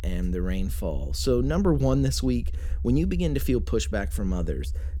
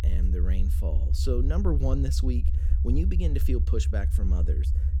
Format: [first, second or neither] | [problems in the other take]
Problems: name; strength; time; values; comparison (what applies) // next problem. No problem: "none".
first | low rumble; loud; throughout; 7 dB below the speech; faint in the first